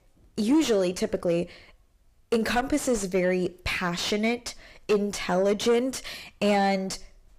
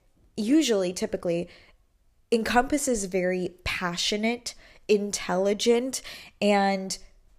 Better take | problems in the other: second | distortion; slight; 10 dB below the speech

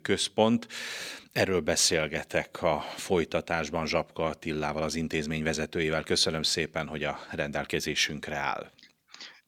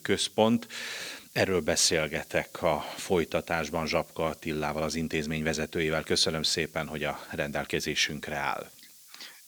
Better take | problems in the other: first | hiss; faint; throughout; 20 dB below the speech

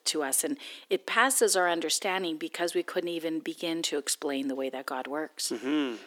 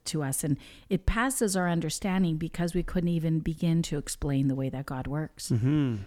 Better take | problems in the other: second | thin; very; fading below 350 Hz

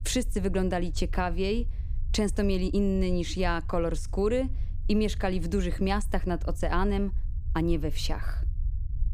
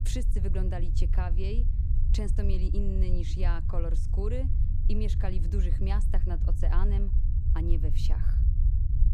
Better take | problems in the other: first | low rumble; loud; throughout; 6 dB below the speech; faint in the first

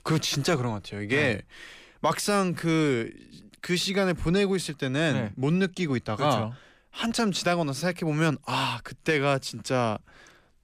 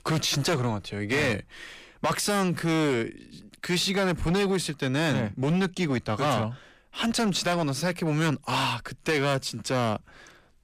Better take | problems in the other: first | distortion; slight; 11% of the sound clipped

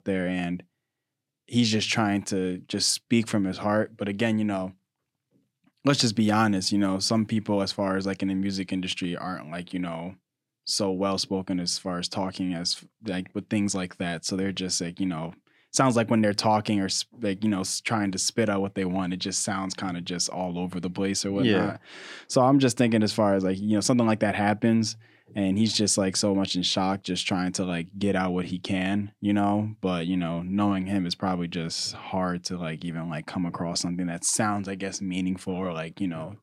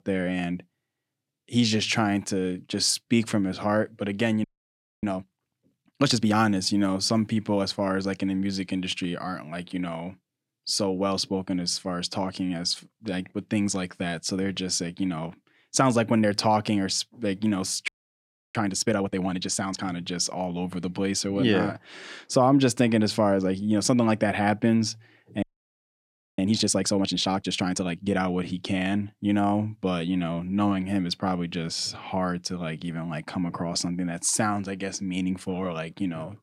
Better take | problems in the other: first | audio freezing; at 4.5 s for 0.5 s, at 18 s for 0.5 s and at 25 s for 1 s

